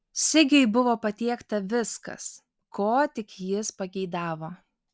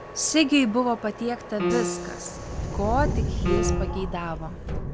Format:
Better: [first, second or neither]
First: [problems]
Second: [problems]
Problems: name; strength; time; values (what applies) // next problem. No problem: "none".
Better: first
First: none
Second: background sound (Subway, metro, underground + Piano); 2 dB below the speech